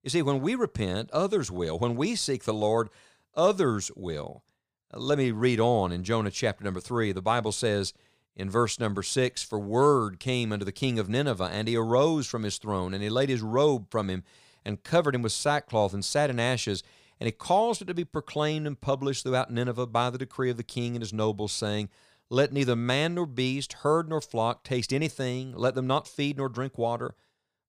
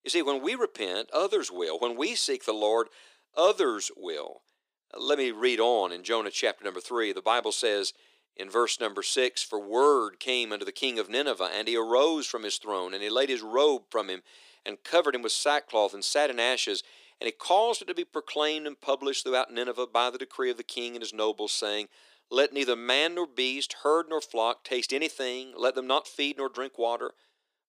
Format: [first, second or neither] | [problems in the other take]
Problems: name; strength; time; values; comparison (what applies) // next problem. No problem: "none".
first | thin; somewhat; fading below 300 Hz